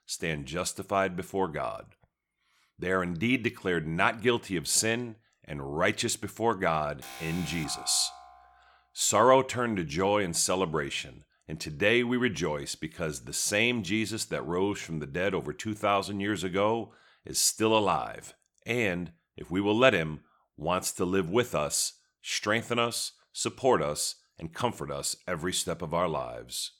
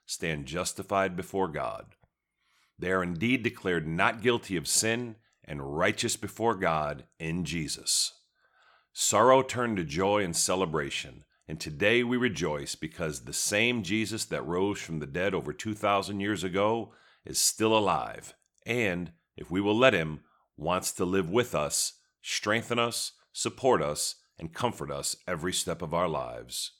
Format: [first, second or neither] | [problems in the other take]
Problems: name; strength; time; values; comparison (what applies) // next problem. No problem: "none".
second | alarm; faint; from 7 to 8.5 s; peak 10 dB below the speech